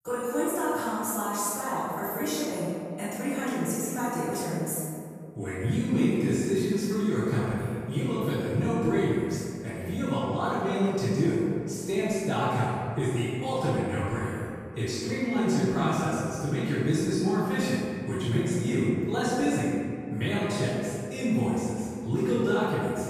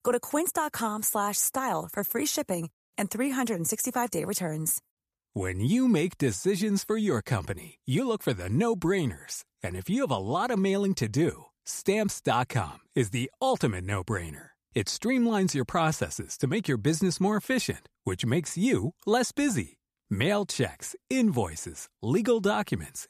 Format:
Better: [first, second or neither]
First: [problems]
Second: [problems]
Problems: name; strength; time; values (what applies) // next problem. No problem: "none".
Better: second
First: off-mic speech; far // room echo; strong; dies away in 2.3 s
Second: none